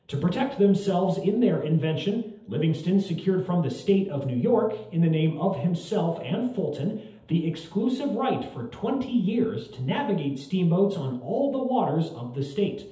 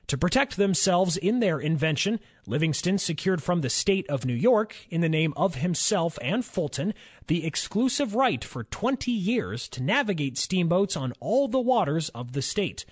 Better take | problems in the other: second | room echo; dies away in 0.8 s

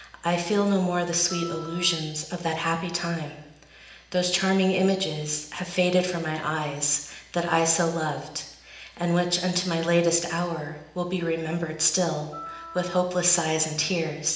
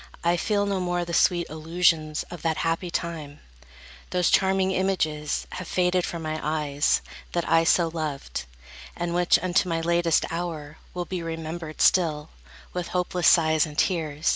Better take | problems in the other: second | background sound (Wind instrument, woodwind instrument); 17 dB below the speech // room echo; dies away in 0.8 s

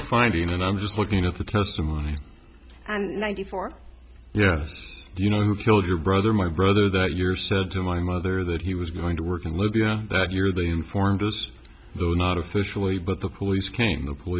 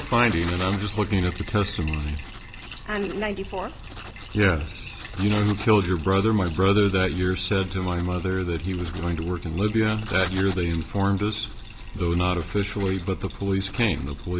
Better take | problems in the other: first | background sound (Bathtub (filling or washing) + Writing); 13 dB below the speech

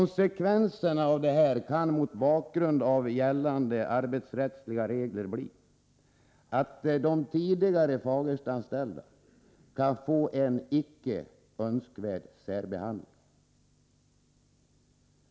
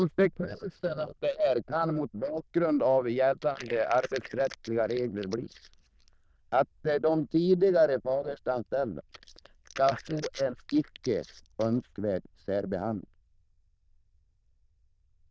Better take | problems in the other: first | noise reduction (neural diffusion model UNIVERSE++)

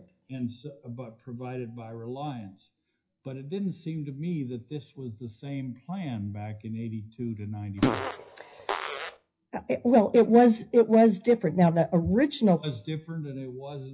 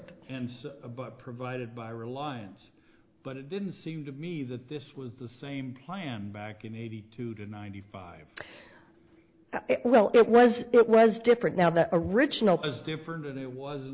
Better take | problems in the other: second | noise reduction (classical method WPE with log-MMSE)

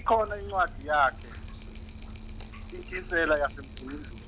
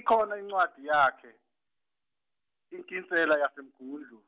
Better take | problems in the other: second | background sound (Drip); 11 dB below the speech

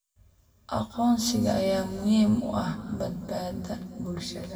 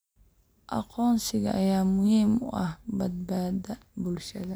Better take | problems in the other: second | room echo; dies away in 1.9 s

